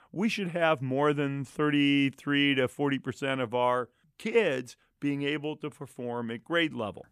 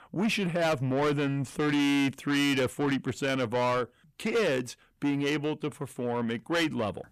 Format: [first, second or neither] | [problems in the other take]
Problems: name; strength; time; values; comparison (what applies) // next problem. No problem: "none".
first | distortion; heavy; 8 dB below the speech